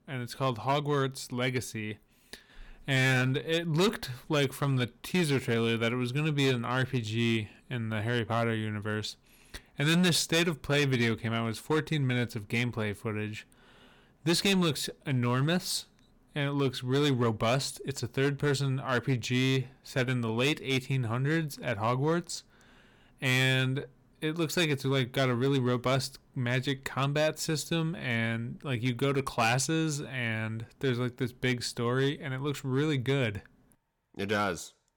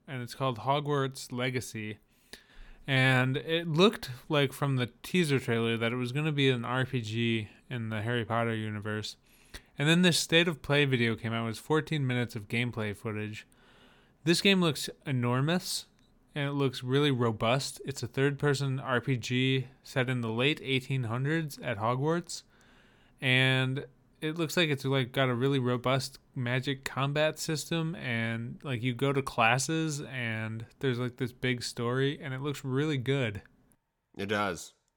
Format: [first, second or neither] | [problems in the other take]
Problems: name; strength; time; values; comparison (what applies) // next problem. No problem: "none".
second | distortion; slight; 5% of the sound clipped